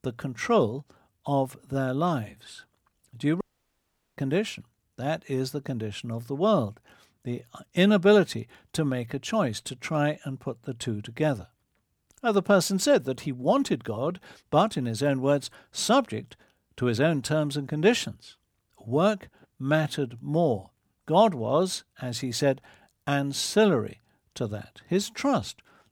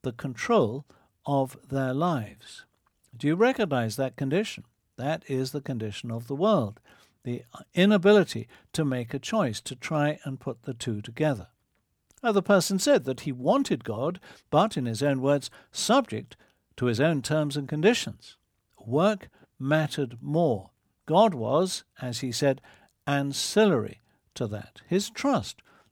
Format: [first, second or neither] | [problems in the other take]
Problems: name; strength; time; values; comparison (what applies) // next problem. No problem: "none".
second | audio cutting out; at 3.5 s for 1 s